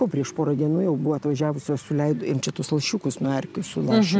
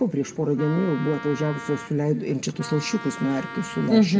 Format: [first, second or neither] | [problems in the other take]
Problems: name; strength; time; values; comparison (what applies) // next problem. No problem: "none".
first | background sound (Wind instrument, woodwind instrument); 15 dB below the speech // room echo; dies away in 1.3 s